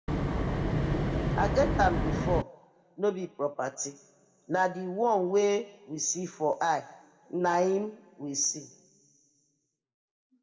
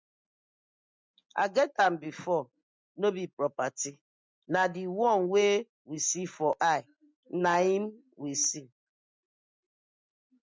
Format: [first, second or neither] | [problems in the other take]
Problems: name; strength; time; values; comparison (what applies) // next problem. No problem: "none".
second | background sound (Wind); 3 dB above the speech // room echo; dies away in 1.5 s